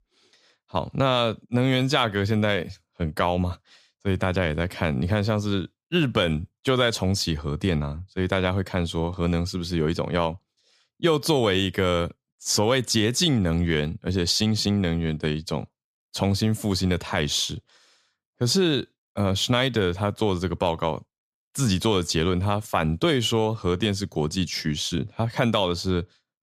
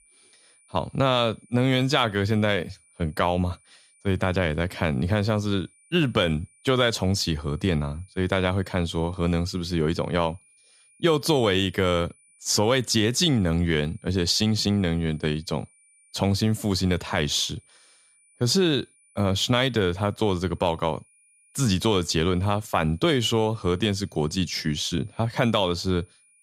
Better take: first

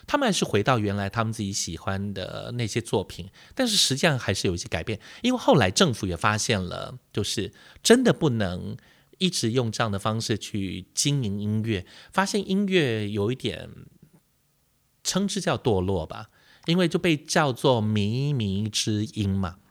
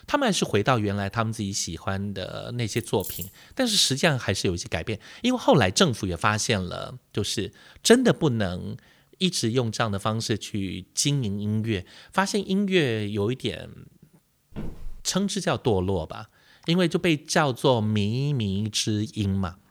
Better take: first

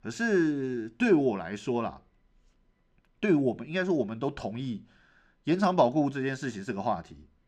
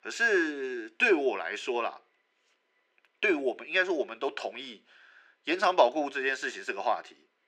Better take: first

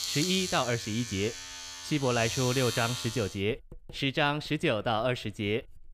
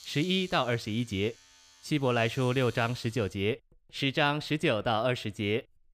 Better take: second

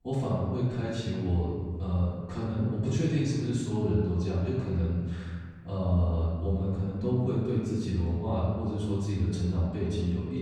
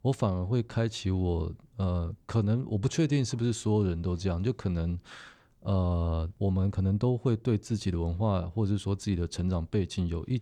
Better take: second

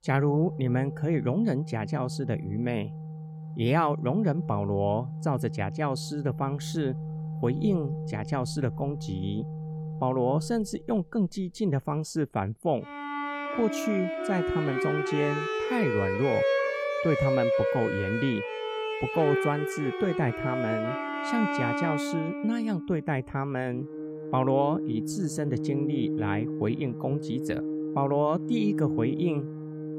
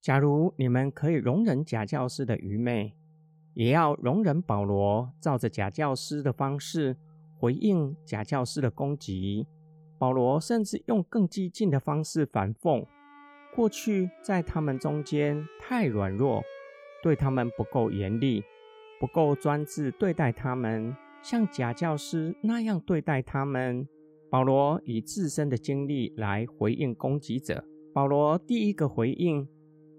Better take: second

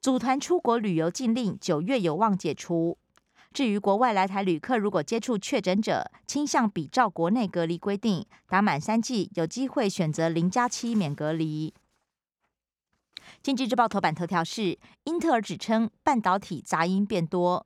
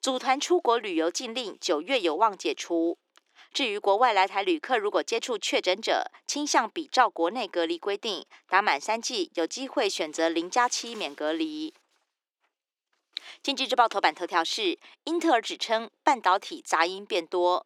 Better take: first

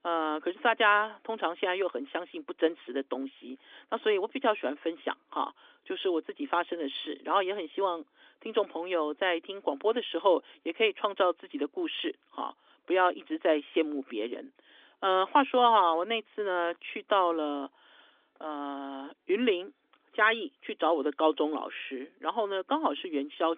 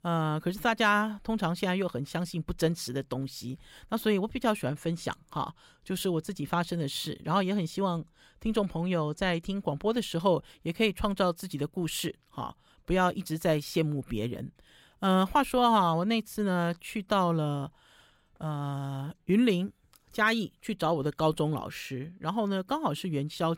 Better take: second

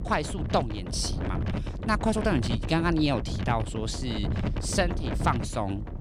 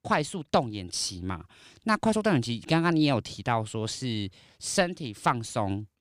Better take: second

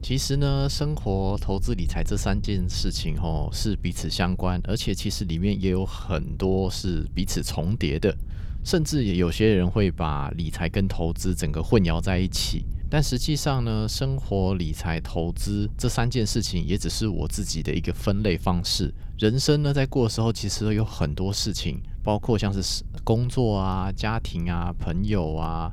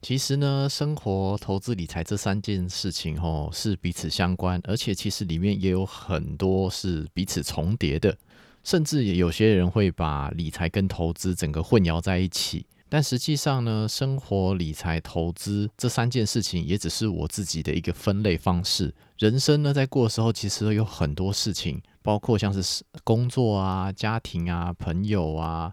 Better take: second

